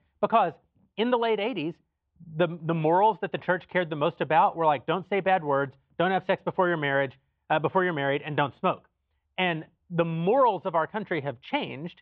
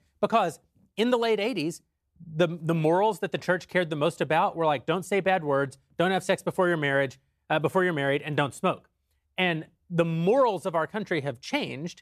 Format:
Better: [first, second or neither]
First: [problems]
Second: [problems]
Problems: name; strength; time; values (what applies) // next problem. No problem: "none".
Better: second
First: muffled; very; fading above 3.5 kHz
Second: none